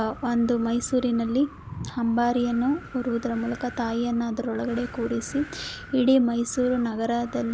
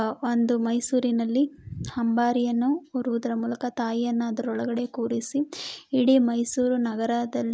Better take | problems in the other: second | background sound (Wind); 17 dB below the speech

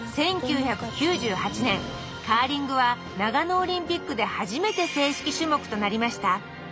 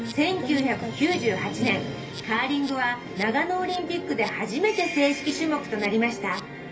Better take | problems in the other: first | background sound (Insect); 18 dB below the speech // room echo; dies away in 0.3 s

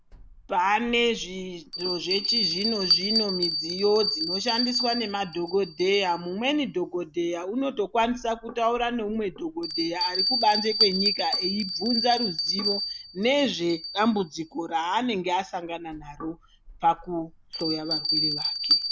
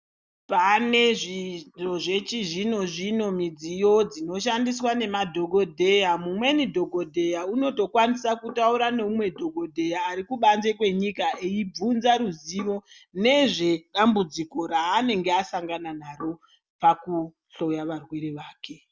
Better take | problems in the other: second | background sound (Bell); 3 dB below the speech

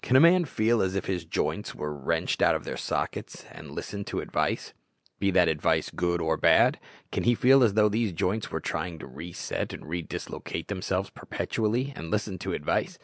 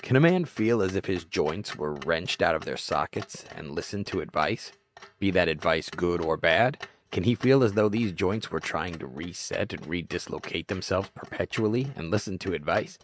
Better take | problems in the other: first | noise reduction (neural mask model RNNoise)

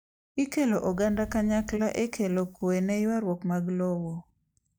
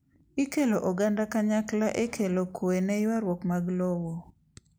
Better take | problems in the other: second | noise reduction (neural mask model DeepFilterNet 3)

